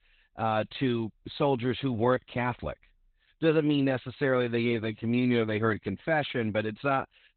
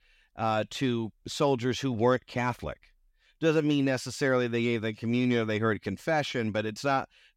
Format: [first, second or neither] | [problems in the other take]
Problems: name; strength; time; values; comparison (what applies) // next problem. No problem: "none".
second | garbled, watery; badly; nothing above 4 kHz